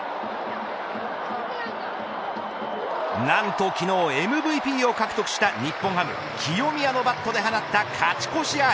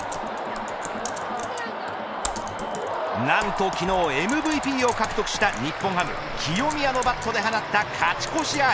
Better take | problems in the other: first | background sound (Typing); 14 dB below the speech

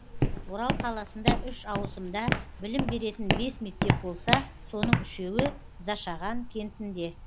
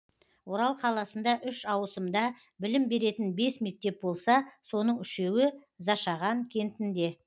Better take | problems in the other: second | background sound (Walk, footsteps); 3 dB above the speech

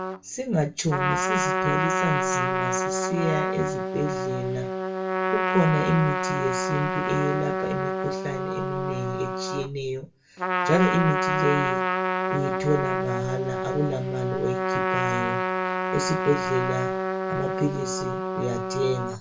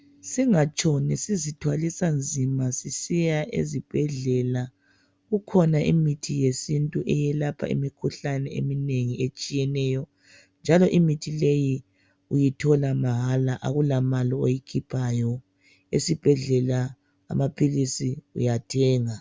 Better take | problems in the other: second | background sound (Trumpet); 1 dB above the speech // room echo; dies away in 0.2 s

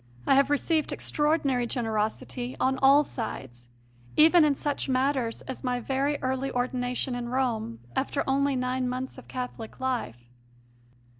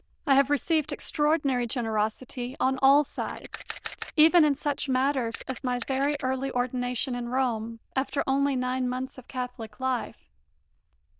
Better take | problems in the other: first | noise reduction (neural diffusion model UNIVERSE++)

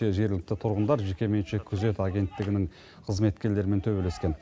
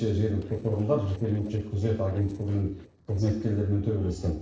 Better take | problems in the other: first | noise reduction (neural separator model SepFormer DNS4)

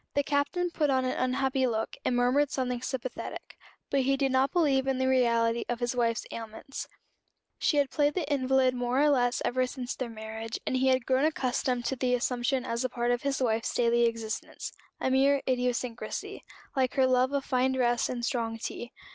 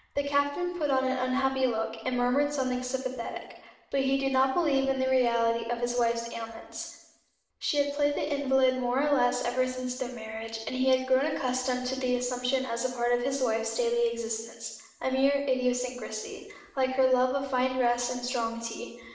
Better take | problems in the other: first | room echo; dies away in 0.9 s

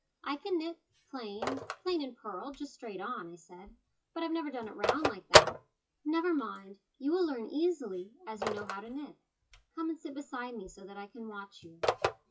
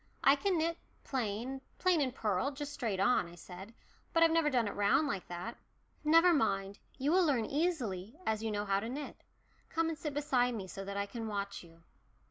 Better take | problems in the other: second | noise reduction (classical method WPE with log-MMSE)

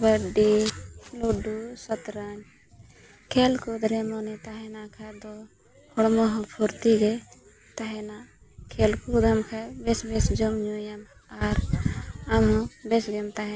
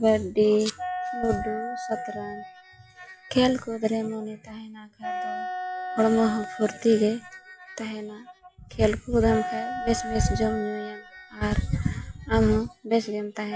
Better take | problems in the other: first | noise reduction (classical method log-MMSE)

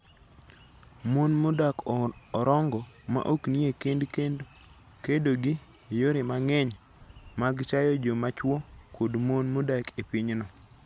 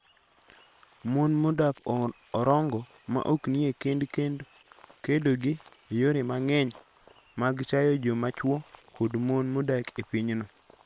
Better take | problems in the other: first | noise reduction (neural separator model SepFormer WHAM!)

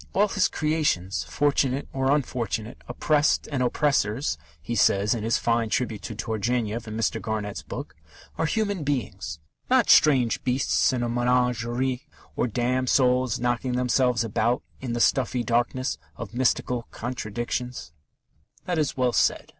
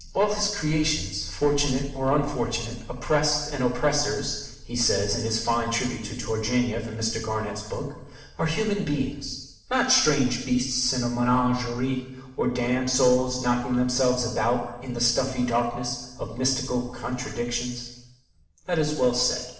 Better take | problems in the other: first | room echo; dies away in 0.9 s

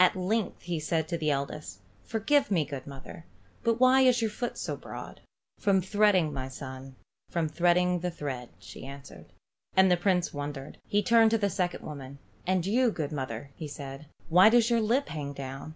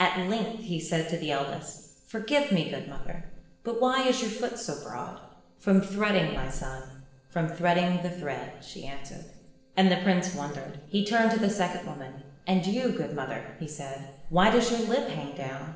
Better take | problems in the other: first | noise reduction (neural separator model SepFormer DNS4)

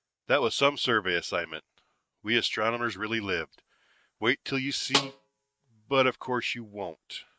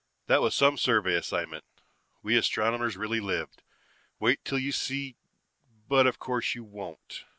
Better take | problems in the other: second | noise reduction (neural mask model RNNoise)

